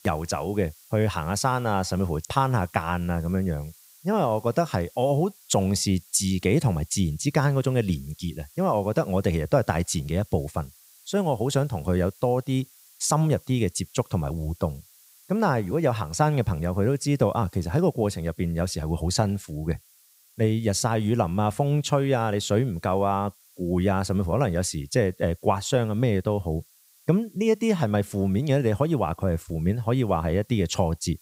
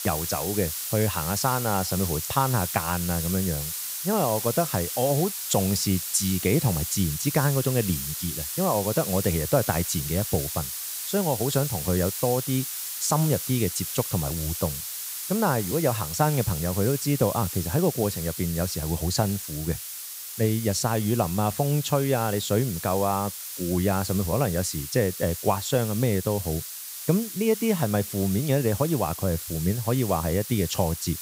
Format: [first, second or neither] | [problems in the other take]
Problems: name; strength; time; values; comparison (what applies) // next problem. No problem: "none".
first | hiss; loud; throughout; 5 dB below the speech; faint in the first